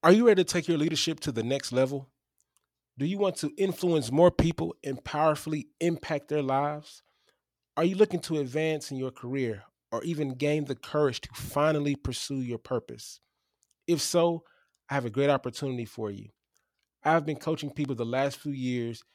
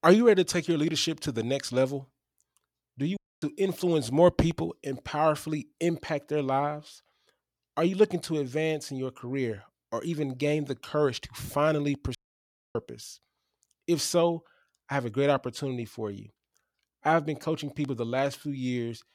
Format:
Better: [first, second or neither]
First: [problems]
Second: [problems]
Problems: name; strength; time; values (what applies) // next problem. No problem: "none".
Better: first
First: none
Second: audio cutting out; at 3 s and at 12 s for 0.5 s